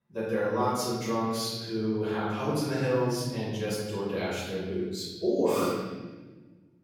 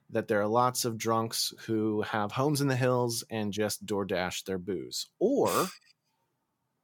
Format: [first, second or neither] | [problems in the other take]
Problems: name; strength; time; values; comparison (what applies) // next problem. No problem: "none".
second | off-mic speech; far // room echo; strong; dies away in 1.6 s